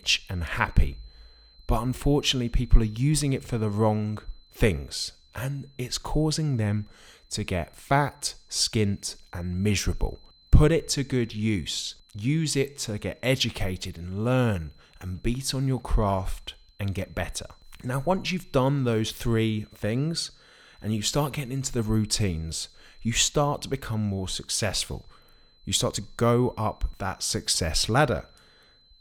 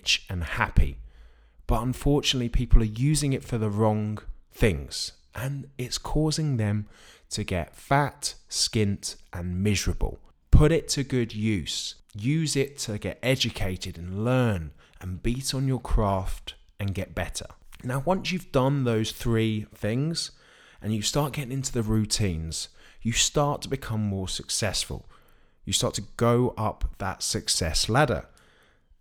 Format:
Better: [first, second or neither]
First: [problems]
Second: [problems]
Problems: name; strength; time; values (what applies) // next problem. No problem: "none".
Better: second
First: high-pitched whine; faint; throughout; 4 kHz, 30 dB below the speech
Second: none